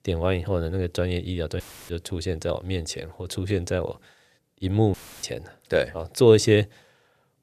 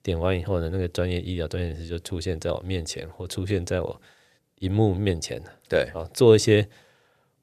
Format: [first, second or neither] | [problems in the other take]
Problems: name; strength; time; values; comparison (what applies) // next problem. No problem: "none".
second | audio cutting out; filled with static; at 1.5 s and at 5 s